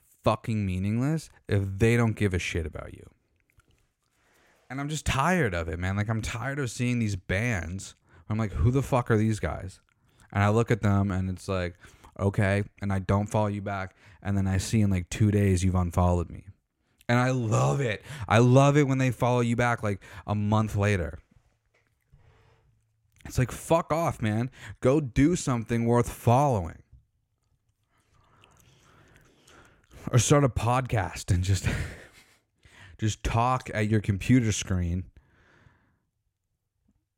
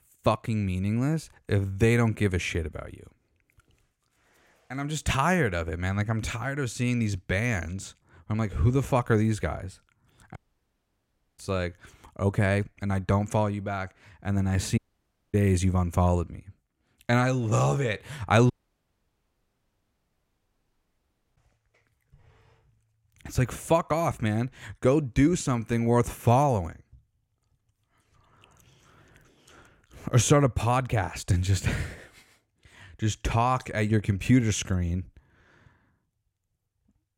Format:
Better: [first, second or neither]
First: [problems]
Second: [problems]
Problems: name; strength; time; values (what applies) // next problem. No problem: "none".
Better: first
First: none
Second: audio cutting out; at 10 s for 1 s, at 15 s for 0.5 s and at 19 s for 3 s